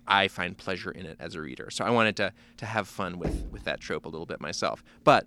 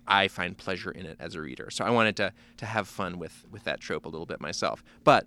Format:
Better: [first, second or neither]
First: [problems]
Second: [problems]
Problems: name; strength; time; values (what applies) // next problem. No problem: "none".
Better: second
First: door banging; noticeable; at 3 s; peak 5 dB below the speech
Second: none